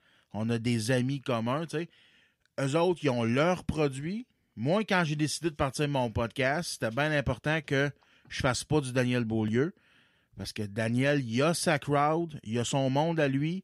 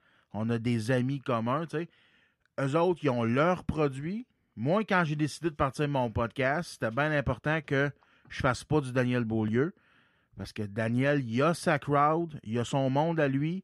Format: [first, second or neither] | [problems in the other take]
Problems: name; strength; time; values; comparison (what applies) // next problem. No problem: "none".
first | muffled; slightly; fading above 3 kHz